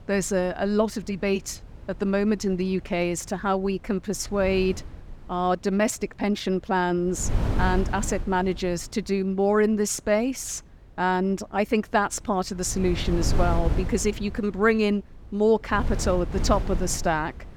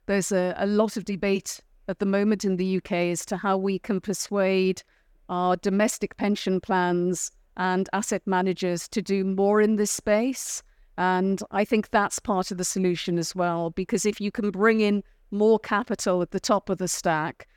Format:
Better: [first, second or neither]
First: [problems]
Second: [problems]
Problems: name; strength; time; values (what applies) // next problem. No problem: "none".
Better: second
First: wind noise on the microphone; occasional gusts; 15 dB below the speech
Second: none